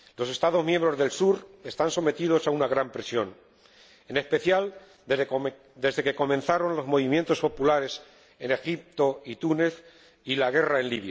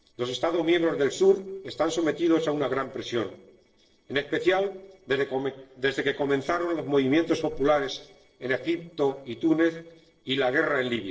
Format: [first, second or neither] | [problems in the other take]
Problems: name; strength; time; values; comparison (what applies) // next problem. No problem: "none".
first | noise reduction (neural separator model SepFormer DNS4)